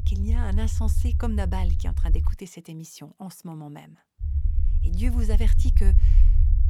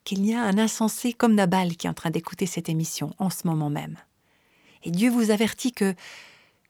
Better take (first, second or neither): second